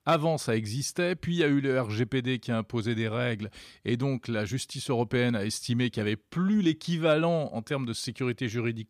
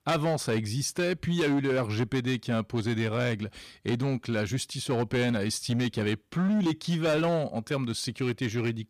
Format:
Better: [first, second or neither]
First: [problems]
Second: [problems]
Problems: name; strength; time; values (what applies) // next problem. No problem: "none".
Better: first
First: none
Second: distortion; slight; 11% of the sound clipped